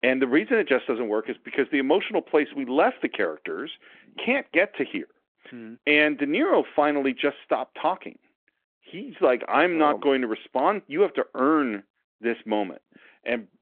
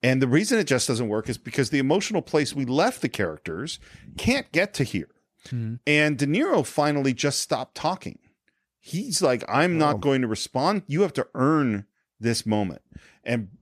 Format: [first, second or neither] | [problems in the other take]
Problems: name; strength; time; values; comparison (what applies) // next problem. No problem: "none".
second | phone-call audio